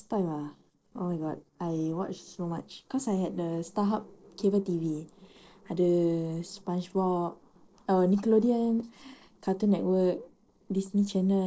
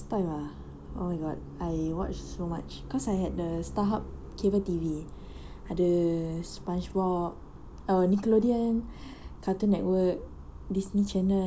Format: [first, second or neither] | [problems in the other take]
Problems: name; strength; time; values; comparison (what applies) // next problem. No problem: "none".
second | noise reduction (neural separator model SepFormer DNS4)